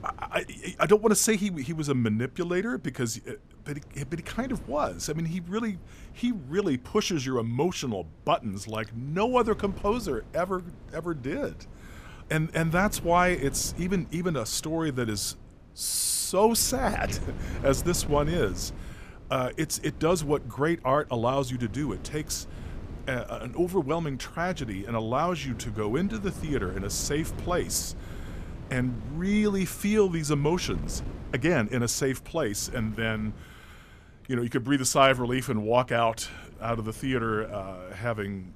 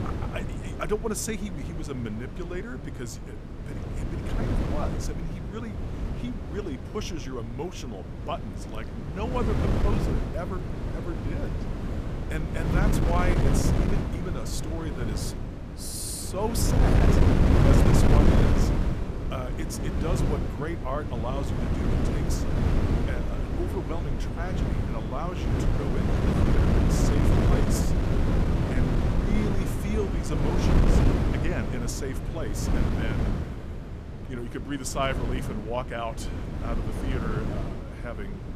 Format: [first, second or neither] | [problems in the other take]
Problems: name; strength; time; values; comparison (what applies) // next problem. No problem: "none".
first | wind noise on the microphone; heavy; 2 dB above the speech; occasional gusts in the first